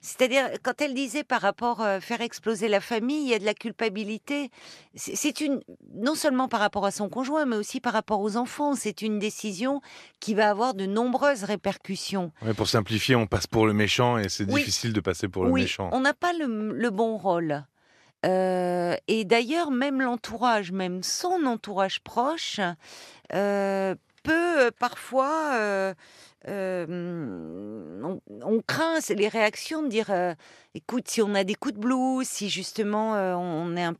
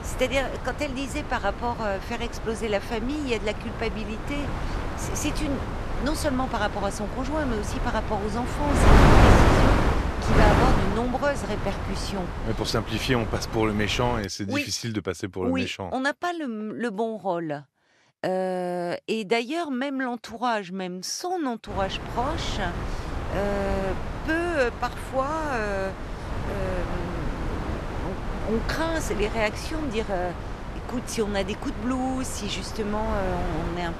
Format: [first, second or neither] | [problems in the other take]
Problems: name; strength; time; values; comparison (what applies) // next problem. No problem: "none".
first | wind noise on the microphone; heavy; until 14 s and from 22 s on; 2 dB below the speech